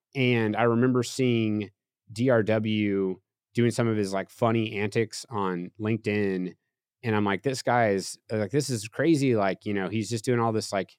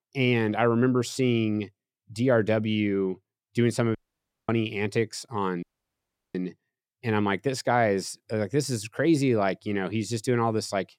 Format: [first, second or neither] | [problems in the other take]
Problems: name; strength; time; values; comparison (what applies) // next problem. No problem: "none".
first | audio cutting out; at 4 s for 0.5 s and at 5.5 s for 0.5 s